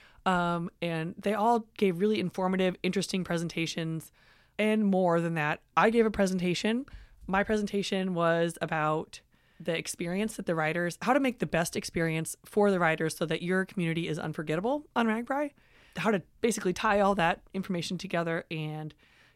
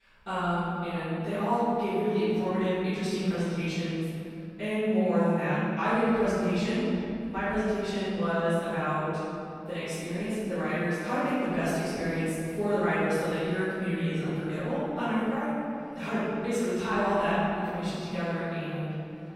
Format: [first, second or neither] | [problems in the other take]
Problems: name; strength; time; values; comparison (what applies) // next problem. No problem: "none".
first | off-mic speech; far // room echo; strong; dies away in 2.7 s